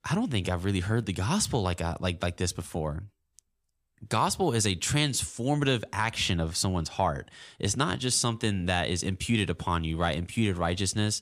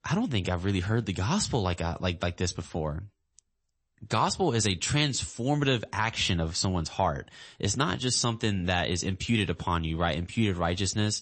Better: first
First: none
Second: garbled, watery; slightly; nothing above 8 kHz

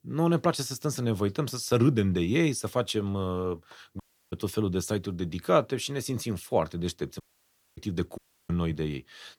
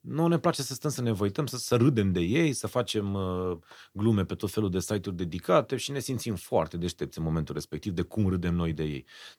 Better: second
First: audio cutting out; at 4 s, at 7 s for 0.5 s and at 8 s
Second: none

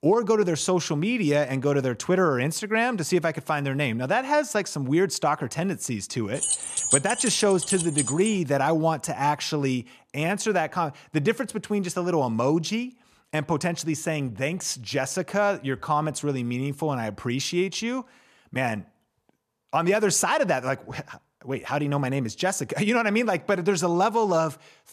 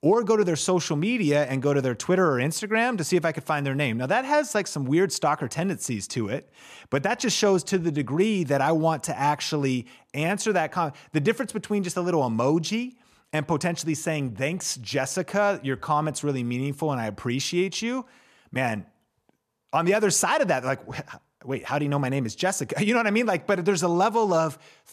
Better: second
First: jangling keys; loud; from 6.5 to 8.5 s; peak 4 dB above the speech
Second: none

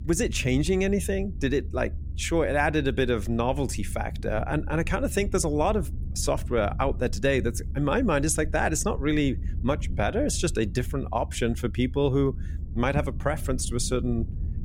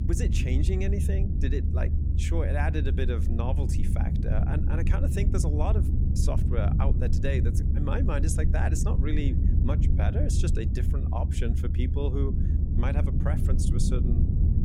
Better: first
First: low rumble; faint; throughout; 20 dB below the speech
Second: low rumble; loud; throughout; 4 dB below the speech

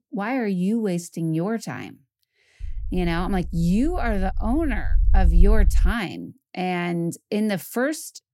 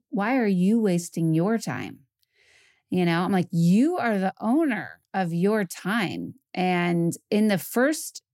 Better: second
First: low rumble; faint; from 2.5 to 6 s; 20 dB below the speech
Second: none

